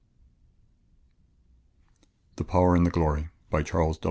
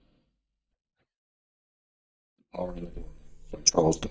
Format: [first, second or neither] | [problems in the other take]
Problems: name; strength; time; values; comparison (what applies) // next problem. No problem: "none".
first | noise reduction (neural mask model DeepFilterNet 3)